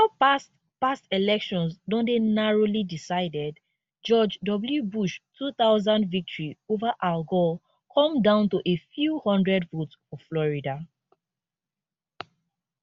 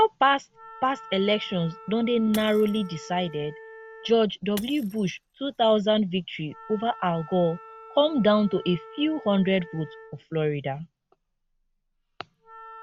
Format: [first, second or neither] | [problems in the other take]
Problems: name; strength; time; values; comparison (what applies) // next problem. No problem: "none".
first | background sound (Shatter / Crushing + Wind instrument, woodwind instrument); 19 dB below the speech